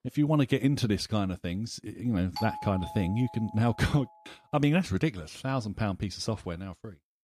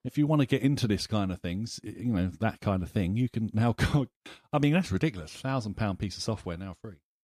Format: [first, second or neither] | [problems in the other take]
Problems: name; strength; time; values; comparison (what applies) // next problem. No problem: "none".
second | doorbell; noticeable; from 2.5 to 4 s; peak 7 dB below the speech